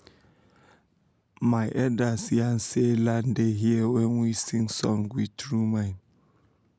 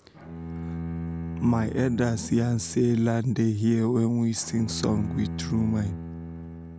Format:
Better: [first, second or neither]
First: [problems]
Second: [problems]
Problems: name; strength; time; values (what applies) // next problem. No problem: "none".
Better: first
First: none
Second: background sound (Bowed string instrument); 9 dB below the speech